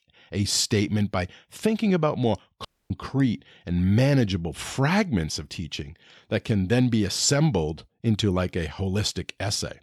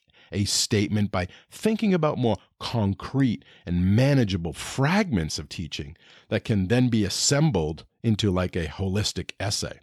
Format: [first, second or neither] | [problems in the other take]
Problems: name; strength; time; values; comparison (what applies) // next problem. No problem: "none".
second | audio cutting out; at 2.5 s